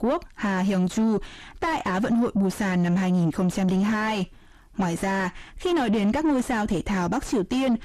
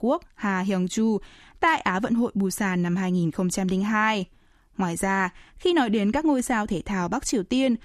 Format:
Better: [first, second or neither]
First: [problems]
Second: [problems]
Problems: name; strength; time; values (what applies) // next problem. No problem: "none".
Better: second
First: distortion; heavy; 6 dB below the speech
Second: none